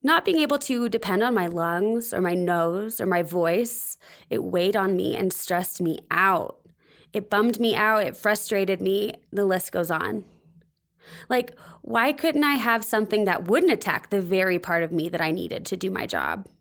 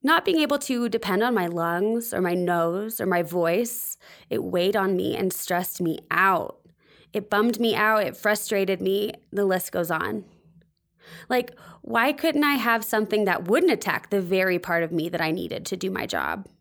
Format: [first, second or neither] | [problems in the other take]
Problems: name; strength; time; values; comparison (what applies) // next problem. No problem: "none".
second | garbled, watery; slightly; nothing above 19 kHz